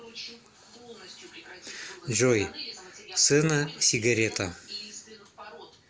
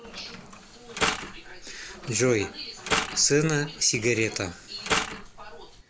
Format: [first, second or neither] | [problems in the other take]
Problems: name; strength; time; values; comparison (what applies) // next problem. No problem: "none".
first | background sound (Mechanisms); 5 dB below the speech